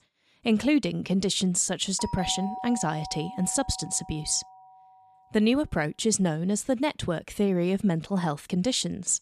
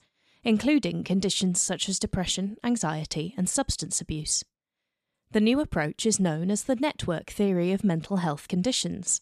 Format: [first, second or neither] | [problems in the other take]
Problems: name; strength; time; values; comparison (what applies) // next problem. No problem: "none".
second | doorbell; noticeable; from 2 to 4.5 s; peak 8 dB below the speech